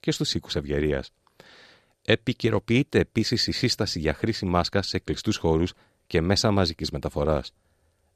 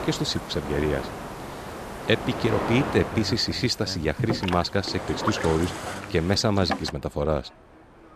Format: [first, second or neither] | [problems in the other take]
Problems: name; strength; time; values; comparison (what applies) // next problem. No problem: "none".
first | train or aircraft noise; loud; throughout; 7 dB below the speech